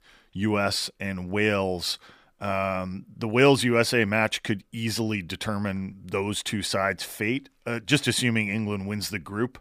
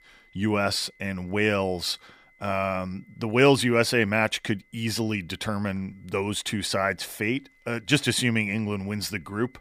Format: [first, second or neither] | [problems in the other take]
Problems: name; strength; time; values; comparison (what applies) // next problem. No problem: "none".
first | high-pitched whine; faint; throughout; 2 kHz, 35 dB below the speech